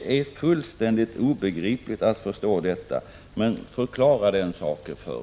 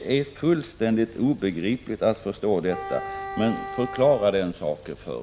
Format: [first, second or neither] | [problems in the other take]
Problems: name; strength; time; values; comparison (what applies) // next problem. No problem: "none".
first | background sound (Wind instrument, woodwind instrument); 11 dB below the speech